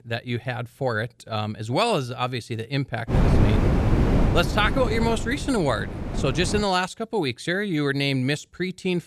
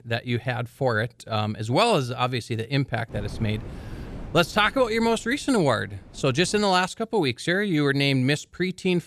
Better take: second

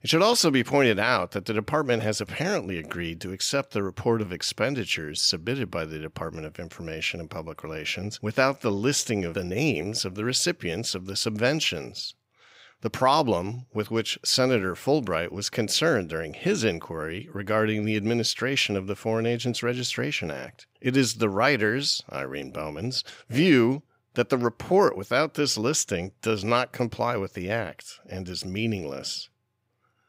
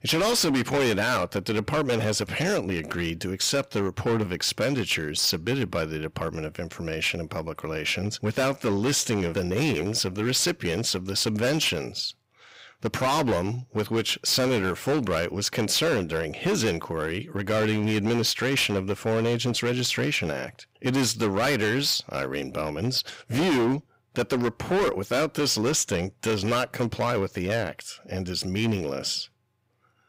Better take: first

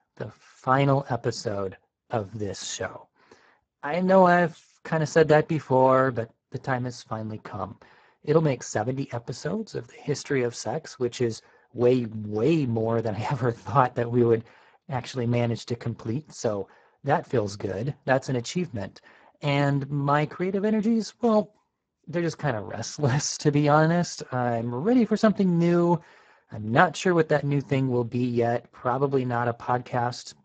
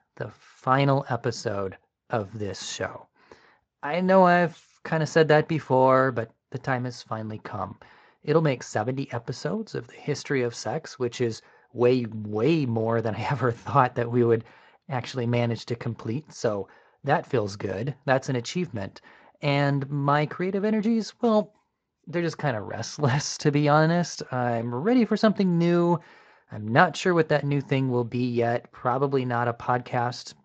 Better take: second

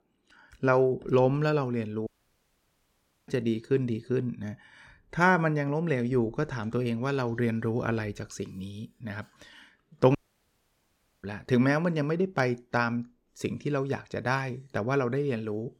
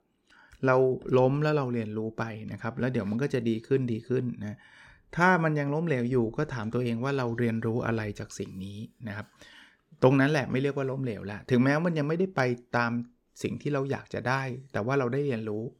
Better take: second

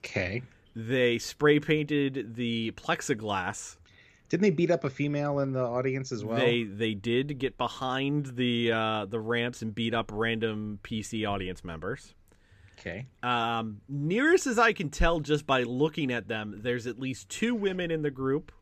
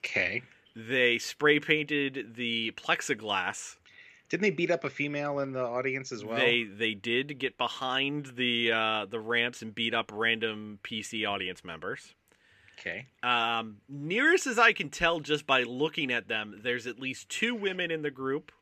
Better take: first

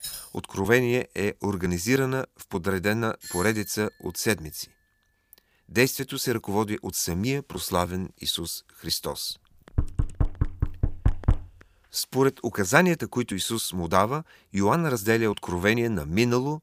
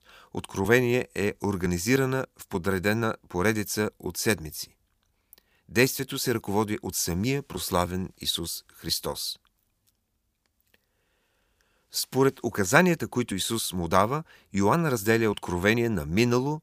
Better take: second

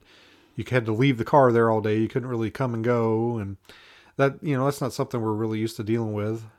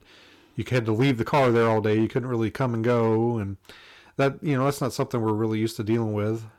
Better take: first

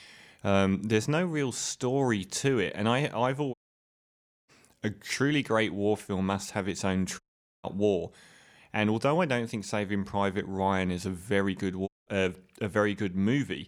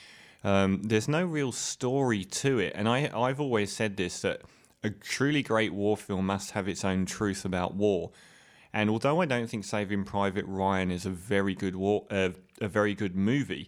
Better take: second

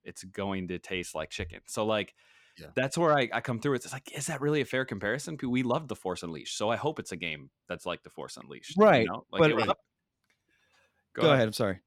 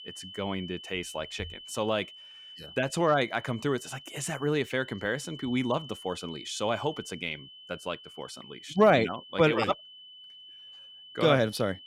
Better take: first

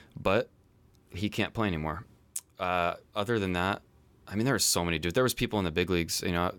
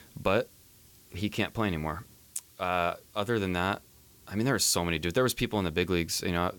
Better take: first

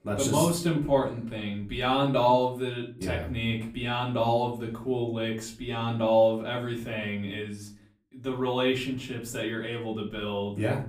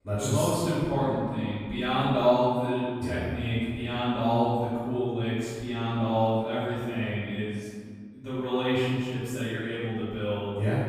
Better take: first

